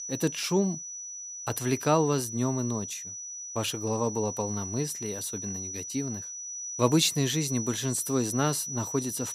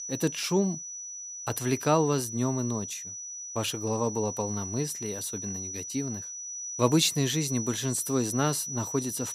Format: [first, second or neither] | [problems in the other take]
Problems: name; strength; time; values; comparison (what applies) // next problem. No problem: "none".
neither | high-pitched whine; loud; throughout; 6 kHz, 6 dB below the speech; the same in both